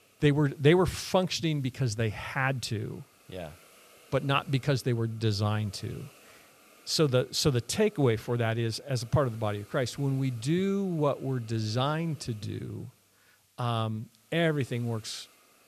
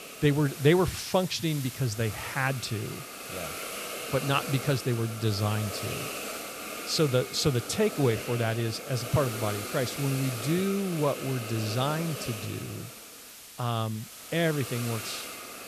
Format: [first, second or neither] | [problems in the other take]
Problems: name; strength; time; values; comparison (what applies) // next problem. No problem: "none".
first | hiss; loud; throughout; 8 dB below the speech; faint in the first